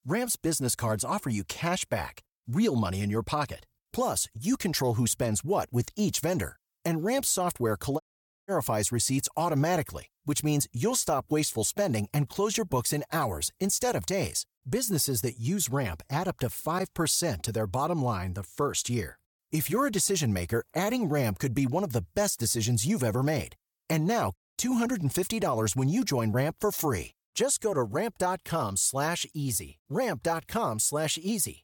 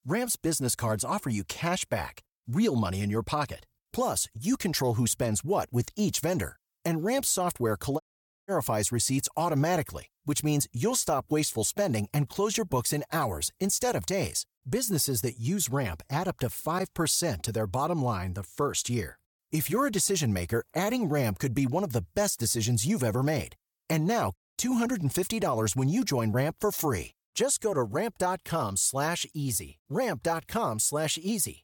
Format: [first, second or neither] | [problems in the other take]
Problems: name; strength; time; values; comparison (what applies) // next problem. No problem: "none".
neither | audio cutting out; at 8 s and at 24 s; the same in both